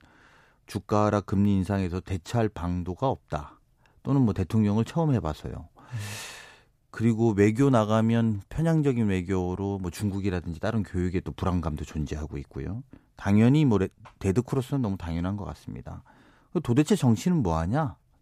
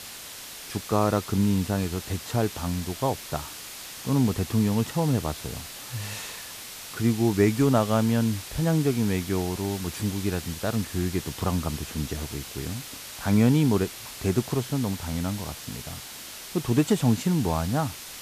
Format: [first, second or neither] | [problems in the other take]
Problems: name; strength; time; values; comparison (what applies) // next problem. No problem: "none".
first | hiss; noticeable; throughout; 10 dB below the speech